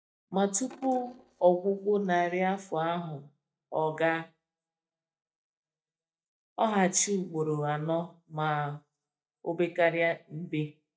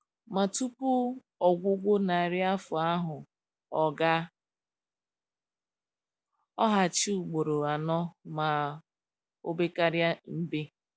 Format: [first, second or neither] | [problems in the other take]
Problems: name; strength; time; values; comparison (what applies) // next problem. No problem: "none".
second | noise reduction (neural mask model DeepFilterNet 3)